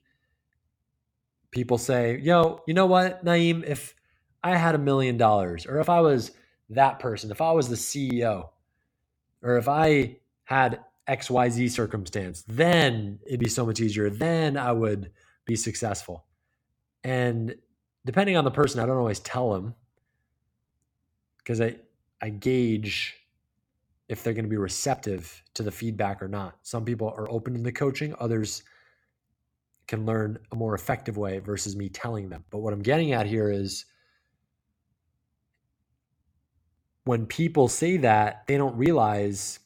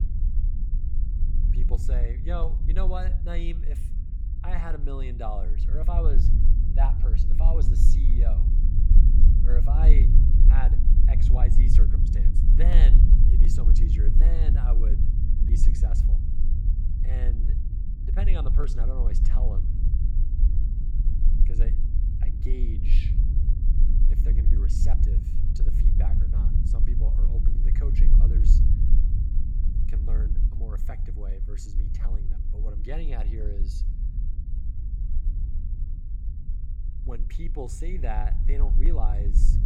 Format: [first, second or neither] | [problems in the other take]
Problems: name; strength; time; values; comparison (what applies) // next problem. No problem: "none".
first | low rumble; loud; throughout; 4 dB below the speech